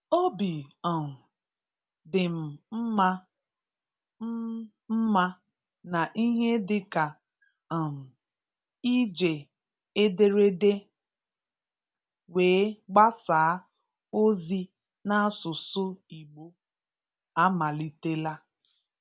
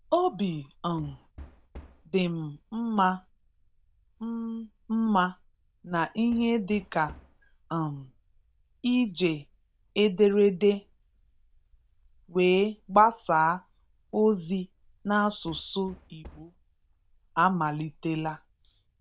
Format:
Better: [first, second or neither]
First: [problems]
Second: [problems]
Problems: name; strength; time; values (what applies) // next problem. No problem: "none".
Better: first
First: none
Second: noise reduction (neural diffusion model UNIVERSE++)